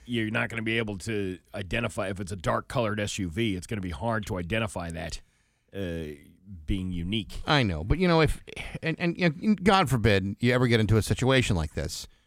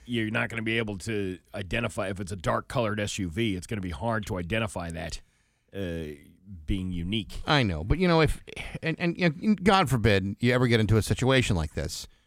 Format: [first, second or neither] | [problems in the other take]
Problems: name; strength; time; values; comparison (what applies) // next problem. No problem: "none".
neither | none